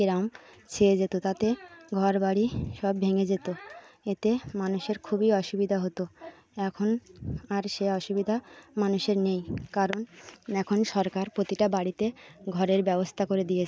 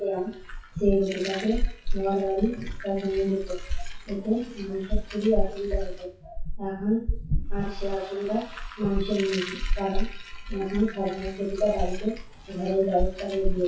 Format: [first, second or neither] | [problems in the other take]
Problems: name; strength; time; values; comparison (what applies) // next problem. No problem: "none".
first | noise reduction (classical method WPE with log-MMSE)